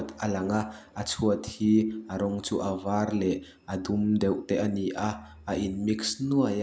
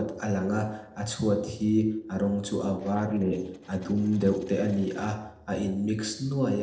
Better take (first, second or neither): first